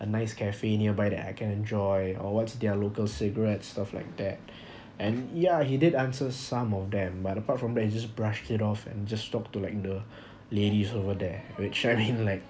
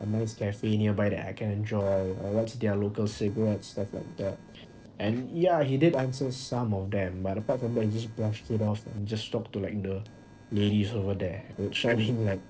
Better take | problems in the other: first | noise reduction (neural separator model SepFormer DNS4)

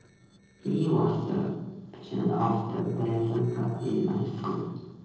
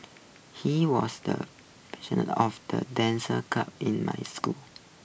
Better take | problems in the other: second | noise reduction (neural separator model SepFormer DNS4)

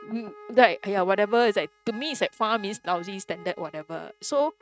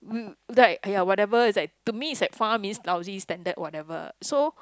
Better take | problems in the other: second | noise reduction (neural mask model RNNoise)

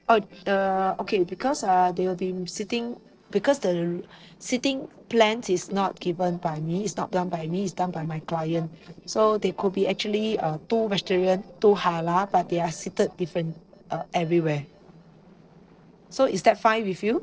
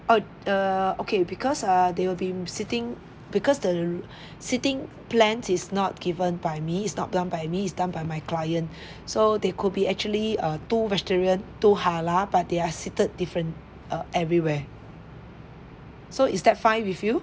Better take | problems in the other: second | noise reduction (neural separator model SepFormer DNS4)

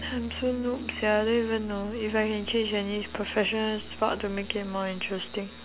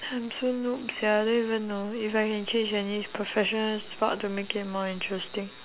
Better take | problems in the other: second | background sound (Brass instrument); 15 dB below the speech

